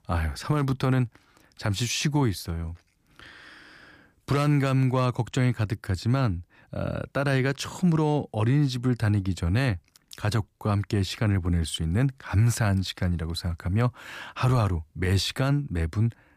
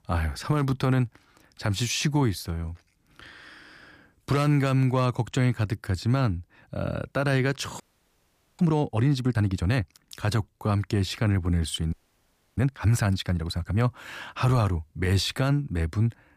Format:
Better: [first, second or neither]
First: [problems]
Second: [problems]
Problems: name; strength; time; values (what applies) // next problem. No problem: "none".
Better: first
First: none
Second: audio freezing; at 8 s for 1 s and at 12 s for 0.5 s